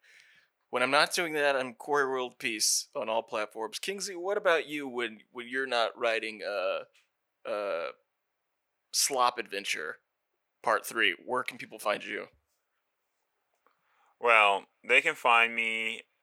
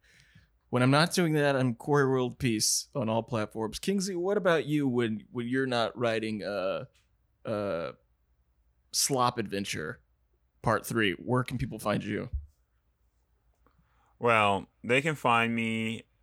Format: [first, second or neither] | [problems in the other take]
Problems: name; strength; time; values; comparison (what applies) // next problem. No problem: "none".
second | thin; very; fading below 550 Hz